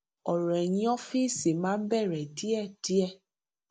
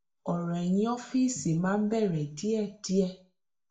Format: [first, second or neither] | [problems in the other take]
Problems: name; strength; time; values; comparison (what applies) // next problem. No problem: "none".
first | room echo; dies away in 0.4 s